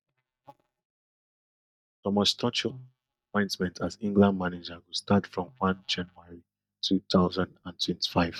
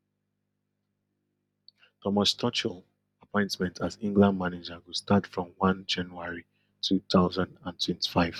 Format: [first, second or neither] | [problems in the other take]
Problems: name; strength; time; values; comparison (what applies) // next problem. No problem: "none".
second | noise reduction (neural mask model DeepFilterNet 3)